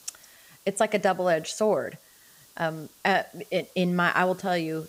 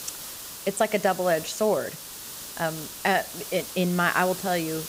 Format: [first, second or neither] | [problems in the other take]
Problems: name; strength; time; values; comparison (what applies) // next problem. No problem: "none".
first | hiss; loud; throughout; 10 dB below the speech; faint in the first